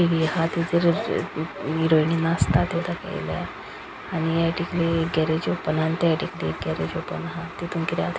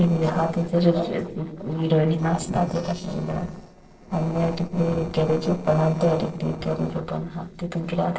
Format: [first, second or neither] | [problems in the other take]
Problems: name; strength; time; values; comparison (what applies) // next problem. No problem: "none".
first | noise reduction (neural separator model SepFormer DNS4)